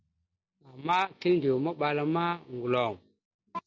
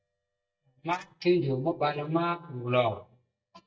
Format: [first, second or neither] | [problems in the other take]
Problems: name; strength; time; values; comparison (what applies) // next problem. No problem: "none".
first | noise reduction (neural mask model DeepFilterNet 3)